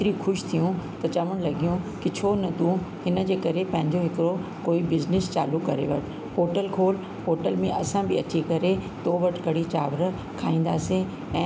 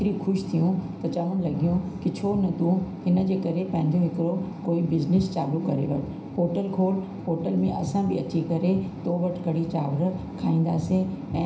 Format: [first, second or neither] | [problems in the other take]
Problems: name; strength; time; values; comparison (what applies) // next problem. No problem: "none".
first | room echo; dies away in 0.5 s